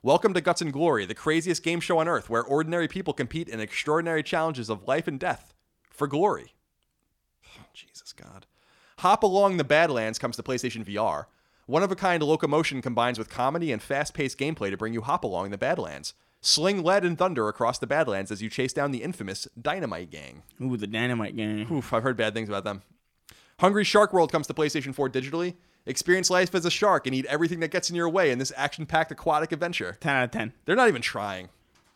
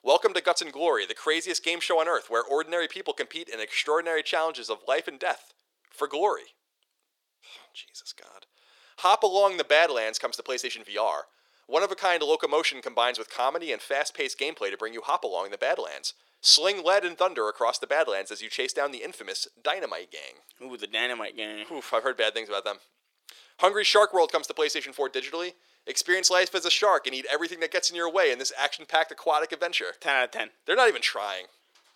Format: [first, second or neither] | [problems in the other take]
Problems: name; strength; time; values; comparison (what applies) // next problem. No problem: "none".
first | thin; very; fading below 450 Hz